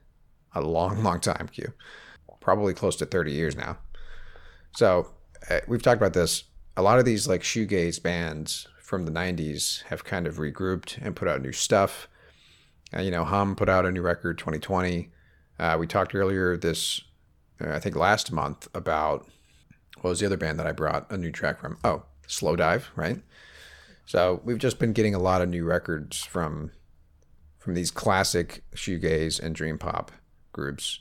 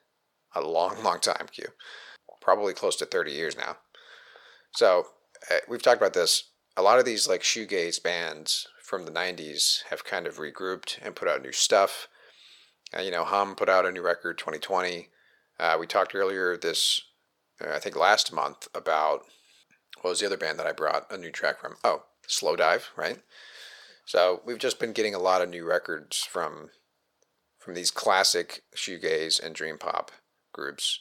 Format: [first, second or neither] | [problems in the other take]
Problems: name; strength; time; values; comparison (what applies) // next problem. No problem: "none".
first | thin; very; fading below 550 Hz